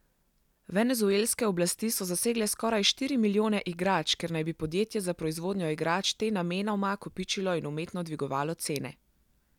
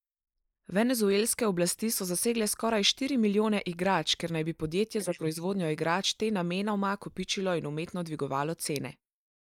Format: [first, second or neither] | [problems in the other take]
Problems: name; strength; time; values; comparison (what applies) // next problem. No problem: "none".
first | noise reduction (neural mask model Resemble Enhance denoiser)